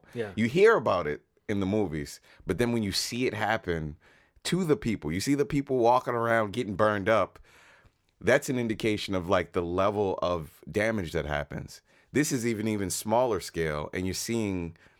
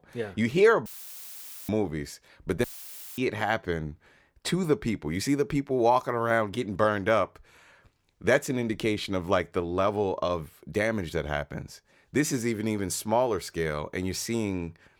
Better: first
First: none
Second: audio cutting out; filled with static; at 1 s for 1 s and at 2.5 s for 0.5 s

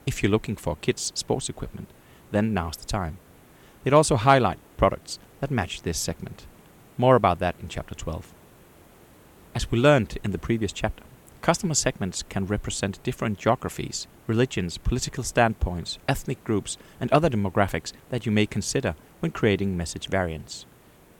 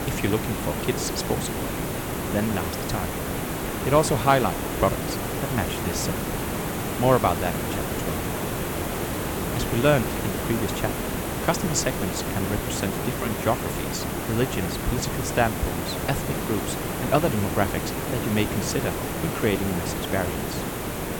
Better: first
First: hiss; faint; throughout; 25 dB below the speech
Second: hiss; loud; throughout; 1 dB below the speech

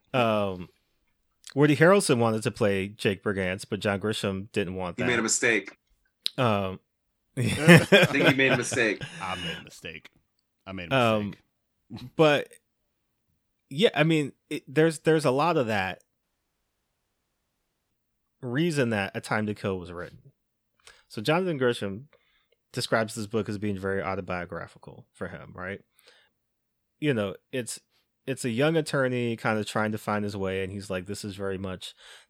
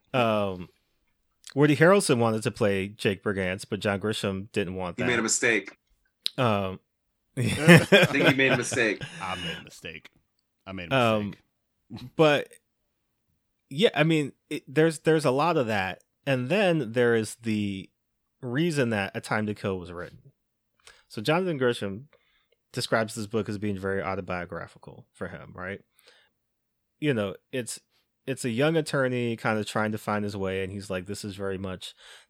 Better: second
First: audio cutting out; at 16 s for 1.5 s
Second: none

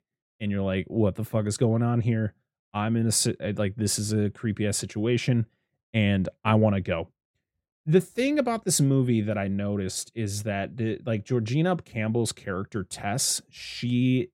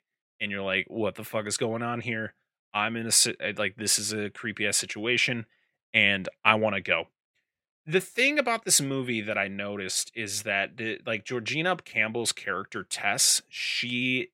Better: first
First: none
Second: thin; somewhat; fading below 800 Hz

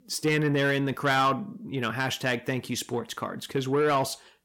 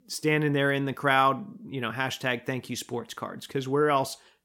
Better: second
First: distortion; slight; 10 dB below the speech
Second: none

